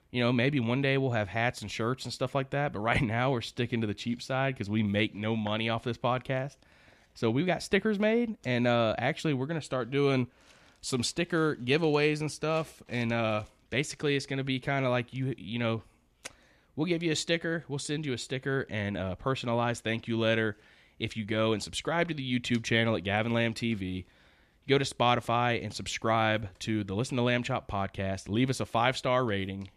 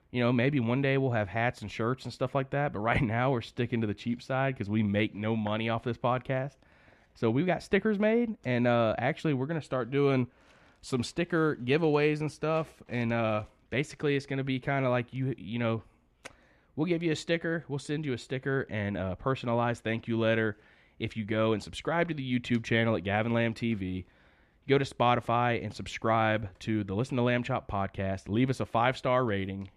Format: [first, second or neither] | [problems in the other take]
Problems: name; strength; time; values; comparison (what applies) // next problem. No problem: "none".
first | muffled; slightly; fading above 3 kHz